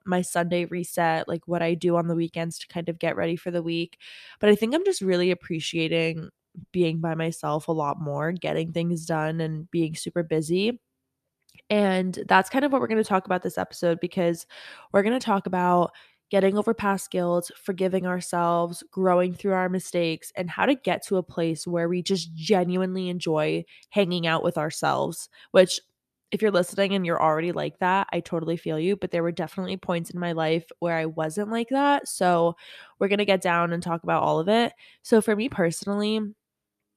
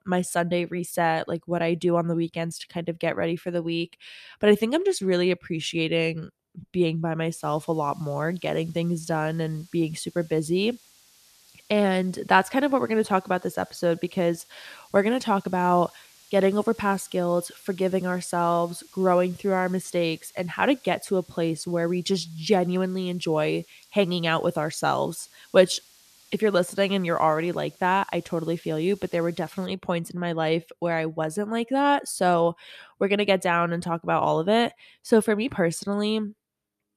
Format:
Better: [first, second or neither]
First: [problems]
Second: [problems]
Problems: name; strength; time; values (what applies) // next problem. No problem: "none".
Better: first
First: none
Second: hiss; faint; from 7.5 to 30 s; 30 dB below the speech